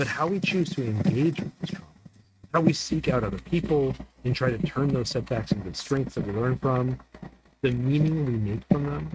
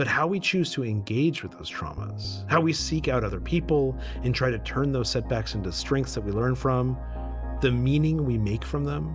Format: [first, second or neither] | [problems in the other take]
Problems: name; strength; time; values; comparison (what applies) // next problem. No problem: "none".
second | noise reduction (neural mask model RNNoise)